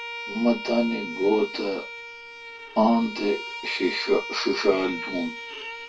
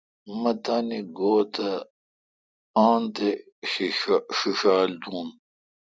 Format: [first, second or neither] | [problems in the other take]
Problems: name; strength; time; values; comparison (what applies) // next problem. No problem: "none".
second | background sound (Bowed string instrument); 10 dB below the speech // room echo; dies away in 0.1 s